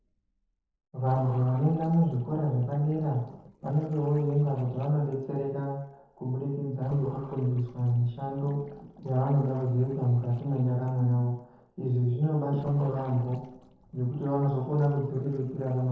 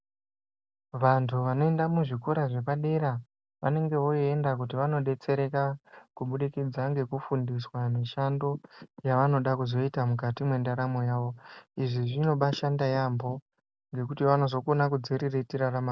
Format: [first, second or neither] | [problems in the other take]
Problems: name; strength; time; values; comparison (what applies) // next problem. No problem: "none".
second | noise reduction (neural separator model SepFormer DNS4)